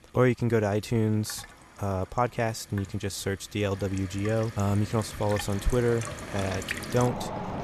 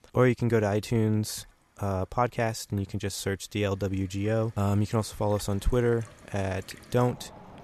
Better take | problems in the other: second | household noises; loud; throughout; 10 dB below the speech; faint in the second

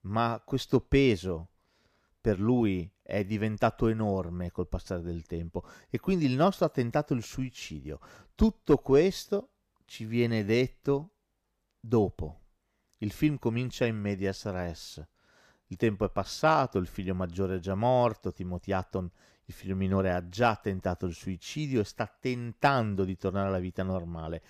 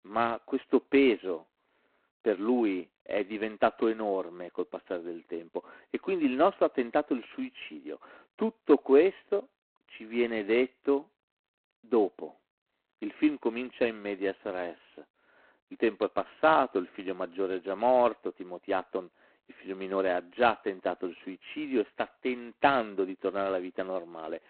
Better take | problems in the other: first | phone-call audio; poor line; nothing above 4 kHz

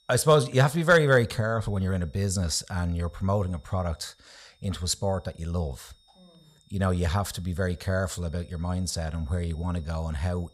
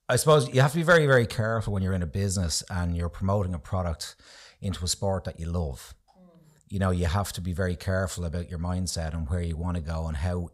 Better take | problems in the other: second | high-pitched whine; faint; throughout; 4 kHz, 35 dB below the speech

